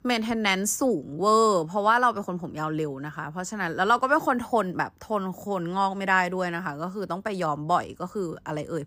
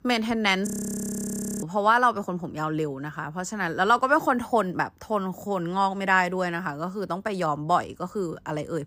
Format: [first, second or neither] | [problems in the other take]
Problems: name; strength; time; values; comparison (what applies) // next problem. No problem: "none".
first | audio freezing; at 0.5 s for 1 s